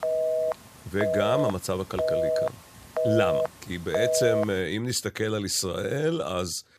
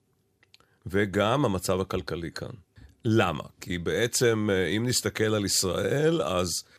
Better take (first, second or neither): second